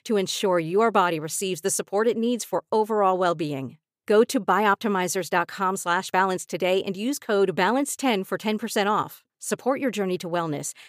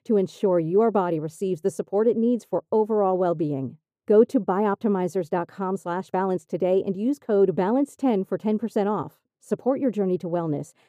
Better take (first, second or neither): first